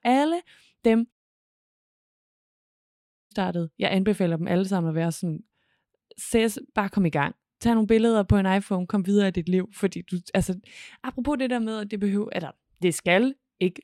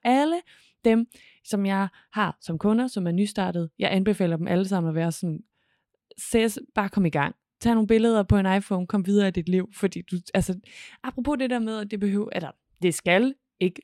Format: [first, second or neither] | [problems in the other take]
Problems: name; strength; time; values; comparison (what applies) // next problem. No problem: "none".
second | audio cutting out; at 1 s for 2 s